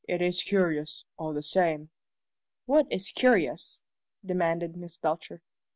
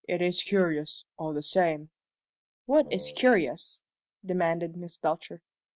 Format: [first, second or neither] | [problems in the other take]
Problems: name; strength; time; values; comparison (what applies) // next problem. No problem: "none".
first | noise reduction (neural mask model RNNoise)